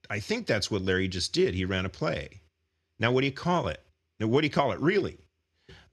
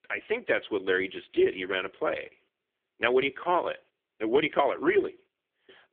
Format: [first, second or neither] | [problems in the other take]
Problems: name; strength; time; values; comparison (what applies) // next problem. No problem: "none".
first | phone-call audio; poor line; nothing above 3.5 kHz